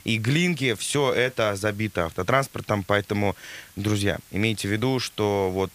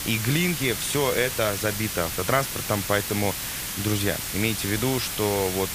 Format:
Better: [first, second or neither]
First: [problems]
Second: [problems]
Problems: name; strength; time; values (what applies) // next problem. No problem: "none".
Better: first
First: hiss; faint; throughout; 25 dB below the speech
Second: hiss; loud; throughout; 3 dB below the speech